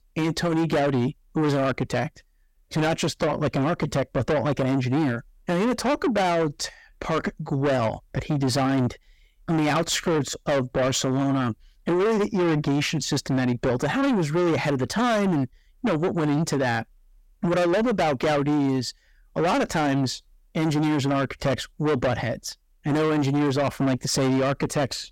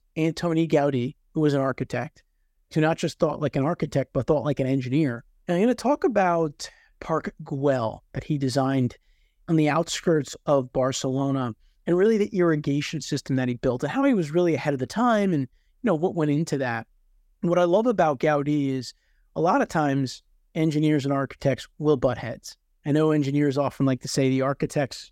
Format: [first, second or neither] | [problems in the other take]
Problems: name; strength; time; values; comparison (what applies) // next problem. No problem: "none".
second | distortion; heavy; 6 dB below the speech